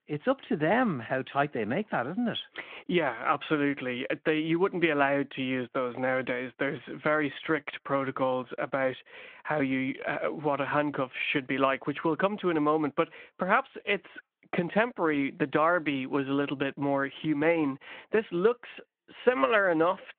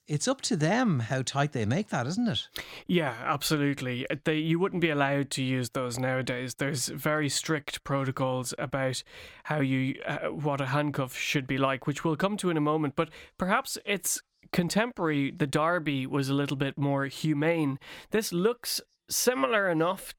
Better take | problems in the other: second | phone-call audio

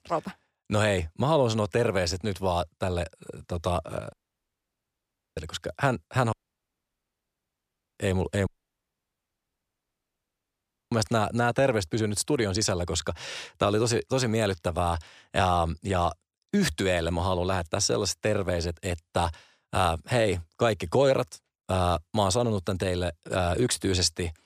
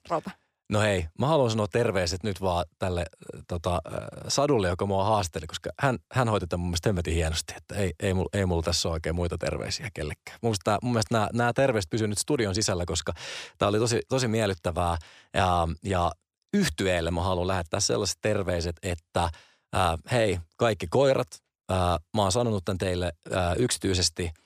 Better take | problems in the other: second | audio cutting out; at 4 s for 1 s, at 6.5 s for 1.5 s and at 8.5 s for 2.5 s

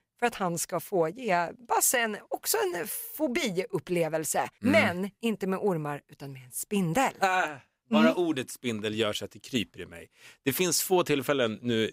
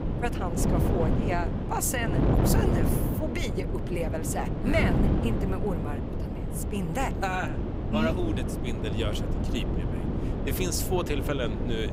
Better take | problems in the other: first | wind noise on the microphone; heavy; 3 dB below the speech

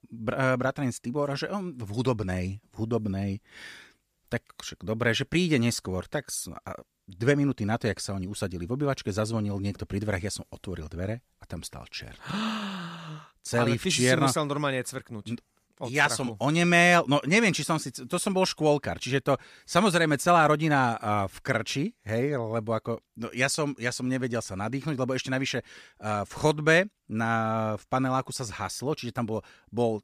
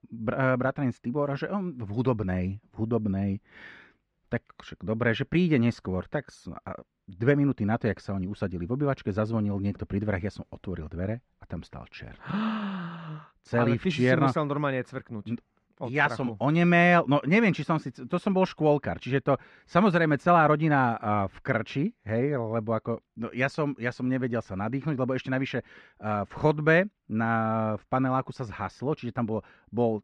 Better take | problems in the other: first | muffled; very; fading above 2 kHz

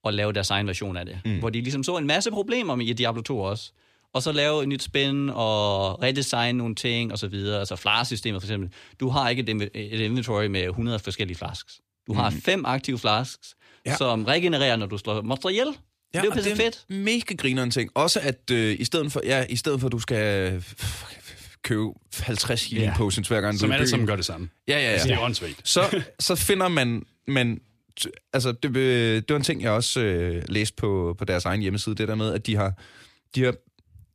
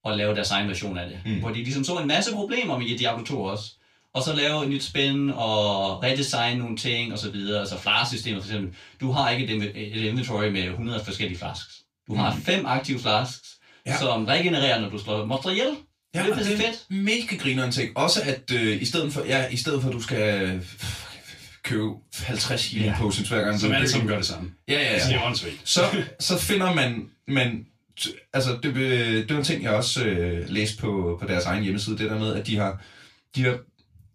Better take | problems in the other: first | room echo; very slight; dies away in 0.2 s // off-mic speech; far

